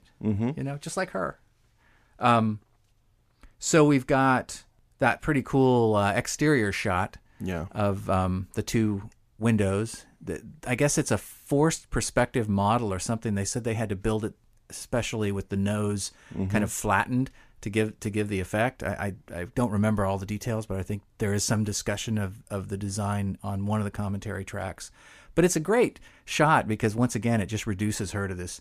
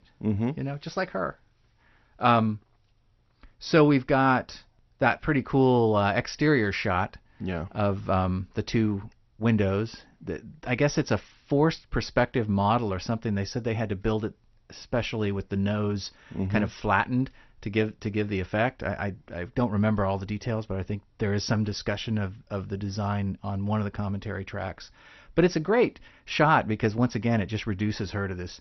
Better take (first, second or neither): first